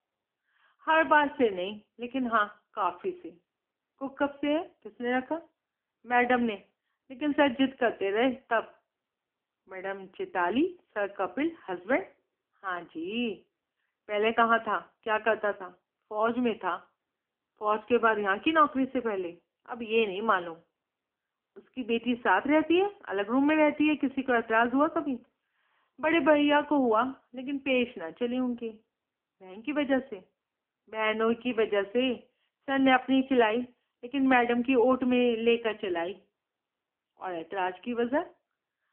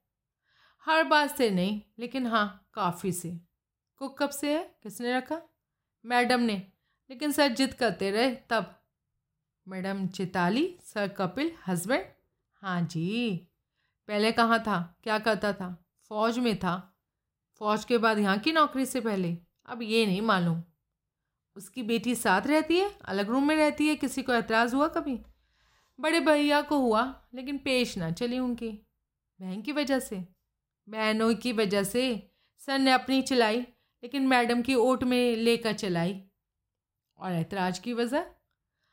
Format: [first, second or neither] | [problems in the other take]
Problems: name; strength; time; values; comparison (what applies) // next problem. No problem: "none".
second | phone-call audio; poor line; nothing above 3 kHz